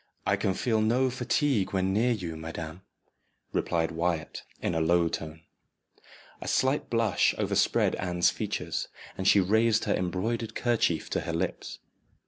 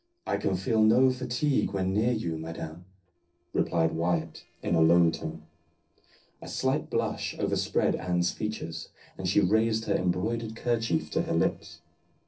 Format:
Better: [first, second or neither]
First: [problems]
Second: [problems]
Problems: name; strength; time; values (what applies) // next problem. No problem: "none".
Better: first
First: none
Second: noise reduction (neural separator model SepFormer DNS4)